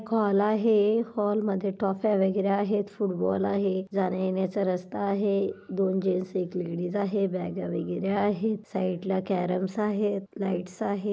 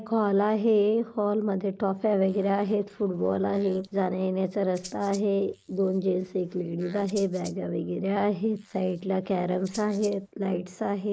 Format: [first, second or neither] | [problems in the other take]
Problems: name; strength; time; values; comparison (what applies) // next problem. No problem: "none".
first | noise reduction (neural mask model Resemble Enhance denoiser)